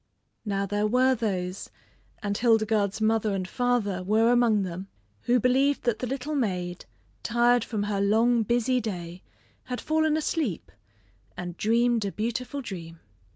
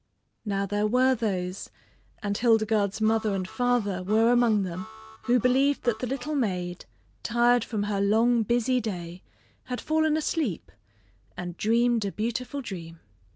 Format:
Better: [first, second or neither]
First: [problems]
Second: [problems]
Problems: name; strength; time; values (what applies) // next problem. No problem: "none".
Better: first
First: none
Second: background sound (Harmonica); 19 dB below the speech